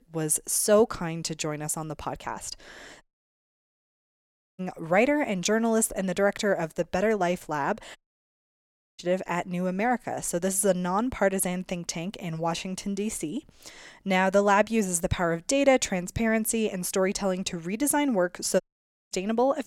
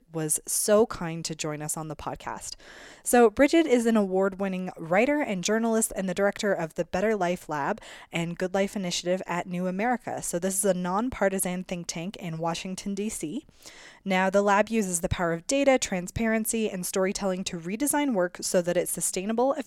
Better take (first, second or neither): second